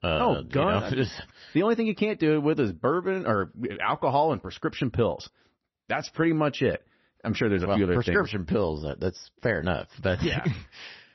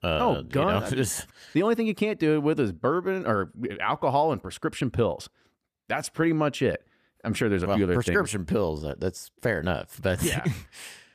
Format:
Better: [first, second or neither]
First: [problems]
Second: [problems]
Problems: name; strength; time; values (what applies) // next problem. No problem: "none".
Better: second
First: garbled, watery; slightly; nothing above 6 kHz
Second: none